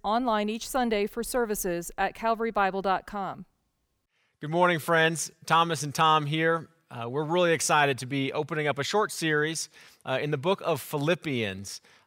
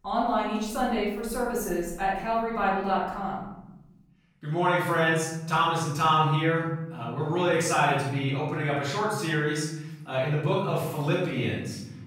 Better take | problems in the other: first | off-mic speech; far // room echo; noticeable; dies away in 1.5 s

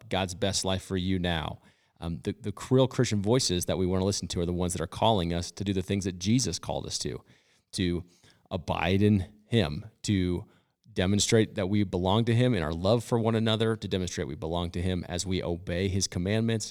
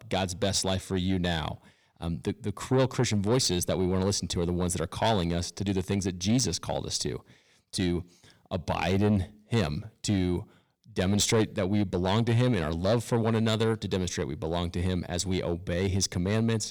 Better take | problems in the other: first | distortion; slight; 10 dB below the speech

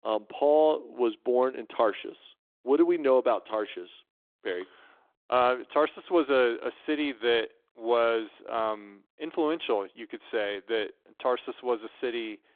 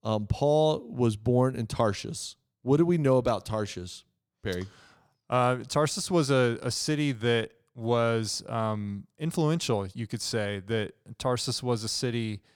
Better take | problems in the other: second | phone-call audio

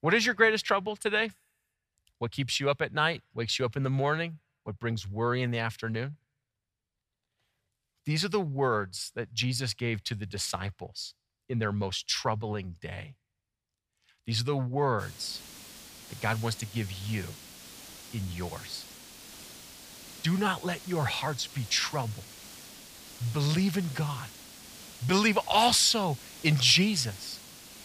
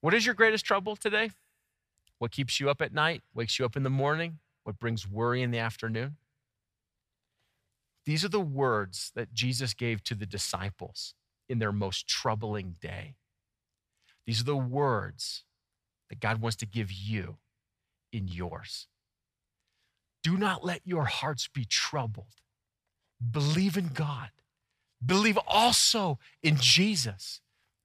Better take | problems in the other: second | hiss; noticeable; from 15 s on; 15 dB below the speech

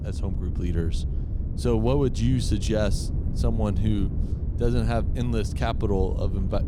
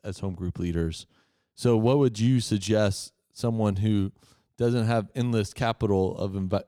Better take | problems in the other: second | low rumble; noticeable; throughout; 10 dB below the speech

